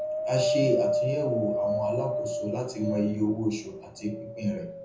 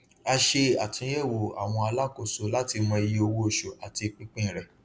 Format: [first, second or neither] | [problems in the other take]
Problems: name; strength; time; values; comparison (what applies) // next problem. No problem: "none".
second | background sound (Wind); as loud as the speech // room echo; dies away in 0.5 s